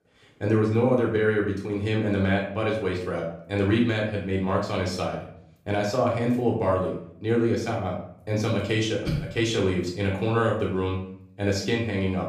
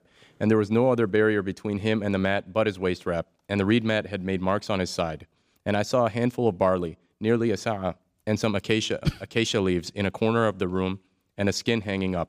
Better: second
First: off-mic speech; far // room echo; noticeable; dies away in 0.5 s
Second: none

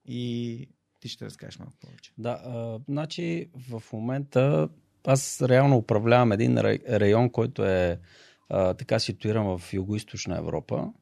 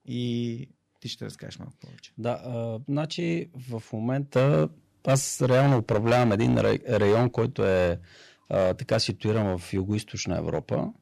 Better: first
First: none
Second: distortion; slight; 4% of the sound clipped

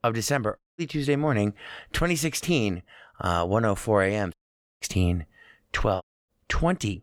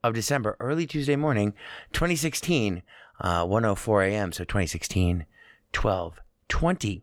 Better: second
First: audio cutting out; at 0.5 s, at 4.5 s and at 6 s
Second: none

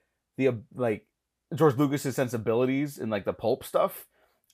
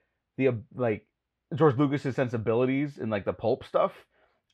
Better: first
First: none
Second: muffled; slightly; fading above 3 kHz

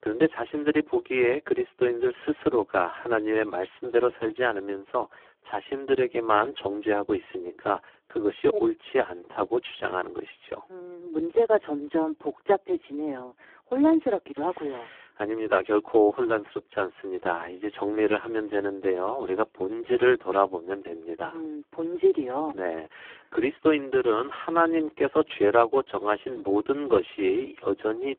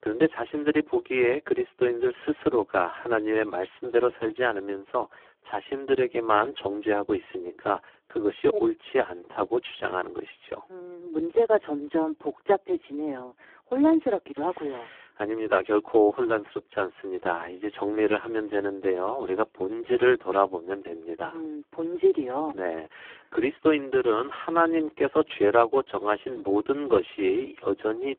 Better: neither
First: phone-call audio; poor line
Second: phone-call audio; poor line

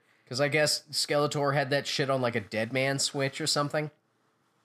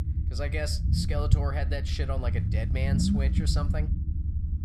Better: first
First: none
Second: low rumble; loud; throughout; 5 dB below the speech

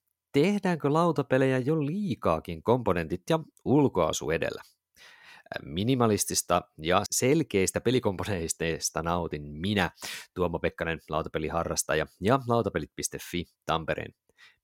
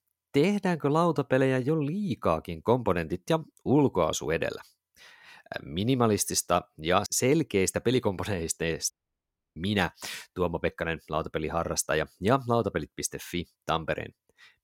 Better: first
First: none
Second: audio cutting out; at 9 s for 0.5 s

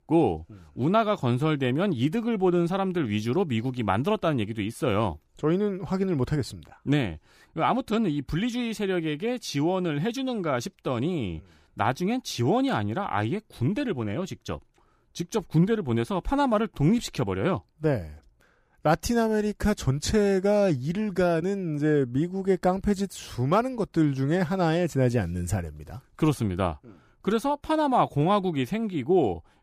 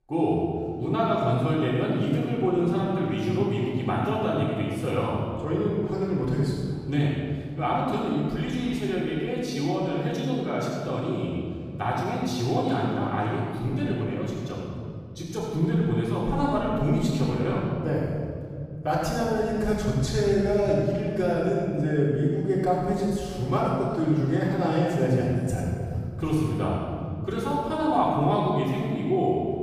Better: first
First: none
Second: room echo; strong; dies away in 2.6 s // off-mic speech; far

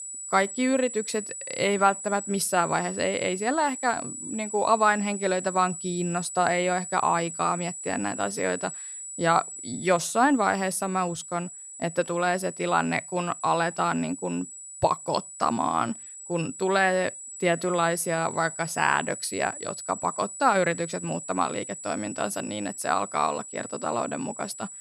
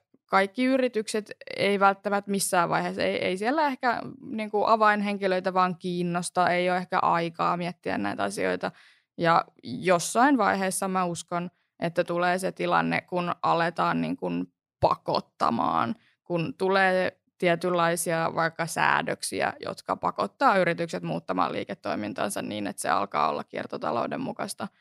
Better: second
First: high-pitched whine; loud; throughout; 8 kHz, 10 dB below the speech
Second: none

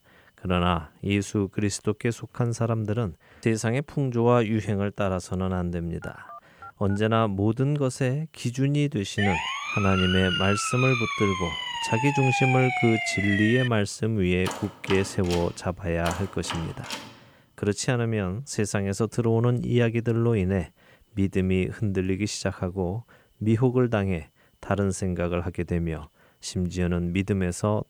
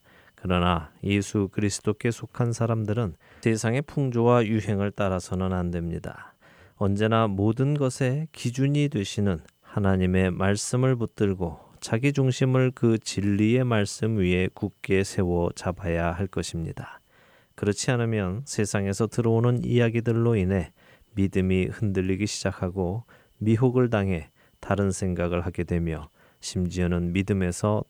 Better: second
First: phone ringing; faint; at 6 s; peak 20 dB below the speech // siren; loud; from 9 to 14 s; peak 2 dB above the speech // door banging; noticeable; from 14 to 17 s; peak 9 dB below the speech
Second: none

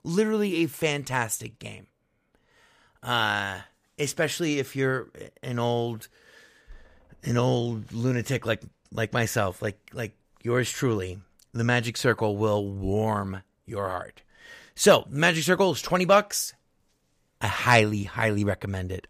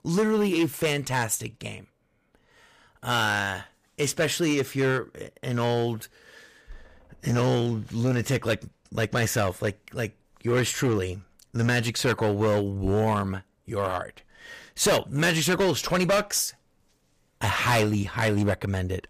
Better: first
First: none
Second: distortion; heavy; 7% of the sound clipped

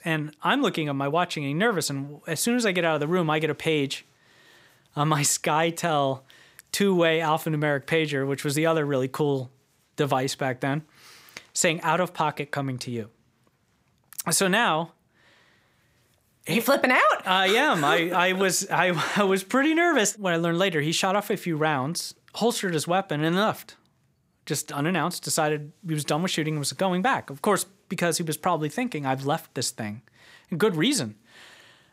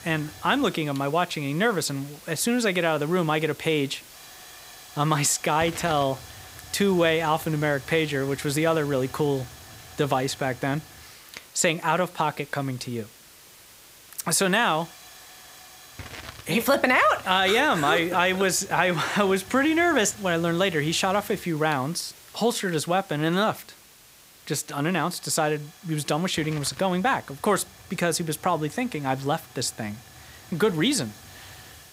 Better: first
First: none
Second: hiss; noticeable; throughout; 20 dB below the speech

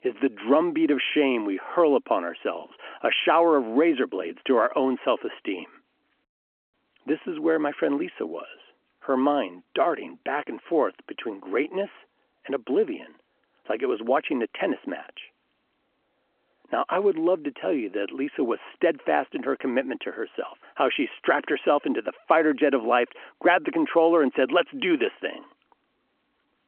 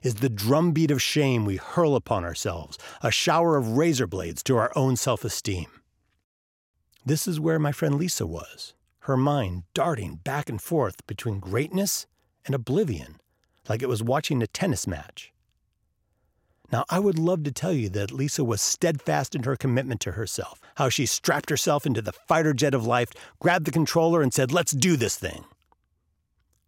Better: second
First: phone-call audio; nothing above 3 kHz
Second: none

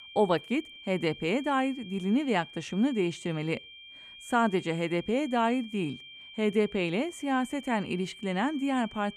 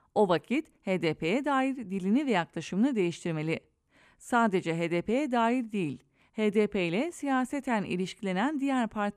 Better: second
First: high-pitched whine; noticeable; throughout; 3 kHz, 15 dB below the speech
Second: none

